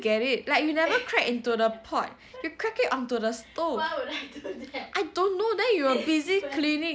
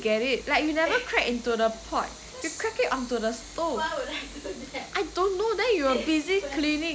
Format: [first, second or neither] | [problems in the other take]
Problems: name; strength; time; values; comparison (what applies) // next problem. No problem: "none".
first | background sound (Train); 17 dB below the speech